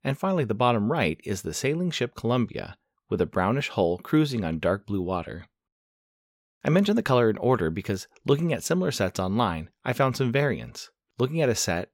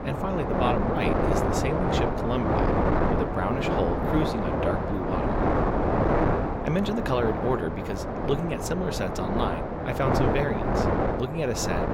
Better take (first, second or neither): first